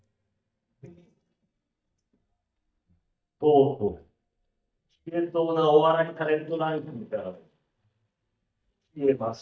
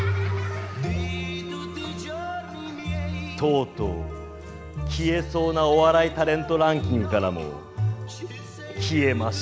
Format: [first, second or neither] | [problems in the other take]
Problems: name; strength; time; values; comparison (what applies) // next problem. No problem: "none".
second | noise reduction (neural mask model DeepFilterNet 3)